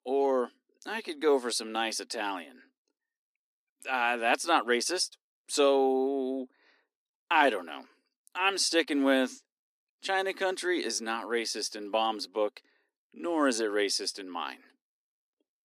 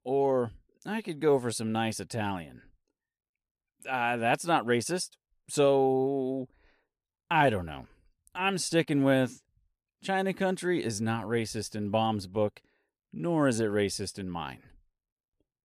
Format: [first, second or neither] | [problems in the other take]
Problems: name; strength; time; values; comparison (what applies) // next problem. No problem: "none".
second | thin; very slightly; fading below 250 Hz